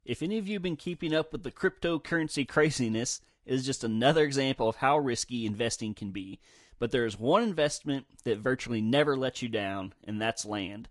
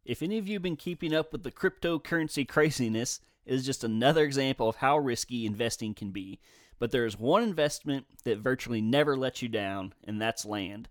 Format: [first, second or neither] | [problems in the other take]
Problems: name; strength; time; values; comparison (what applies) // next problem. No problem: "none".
second | garbled, watery; slightly; nothing above 10.5 kHz